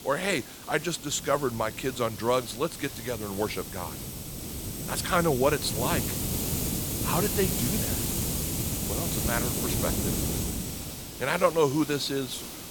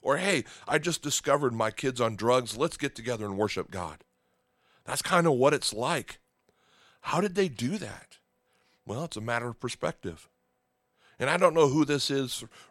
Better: second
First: hiss; loud; throughout; 2 dB below the speech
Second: none

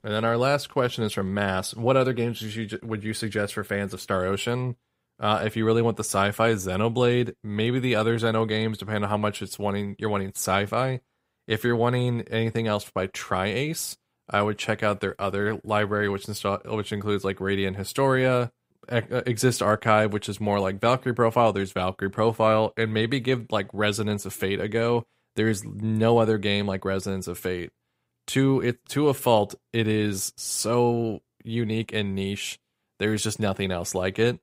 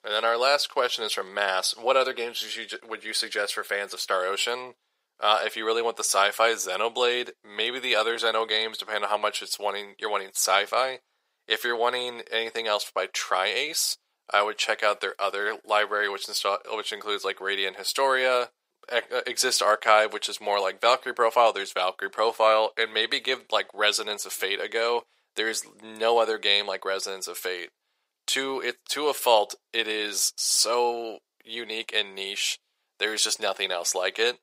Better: first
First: none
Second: thin; very; fading below 500 Hz

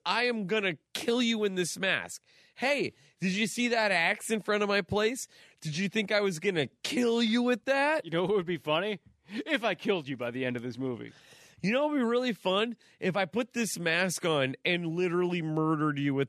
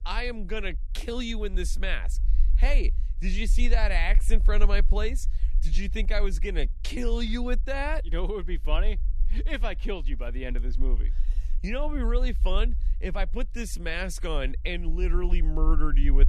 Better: first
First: none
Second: low rumble; faint; throughout; 20 dB below the speech

